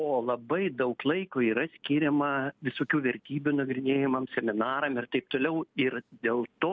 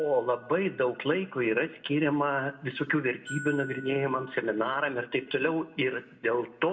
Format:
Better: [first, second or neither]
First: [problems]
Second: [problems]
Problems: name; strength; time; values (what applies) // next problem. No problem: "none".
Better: first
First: none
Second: background sound (Glockenspiel); 20 dB below the speech // room echo; dies away in 0.6 s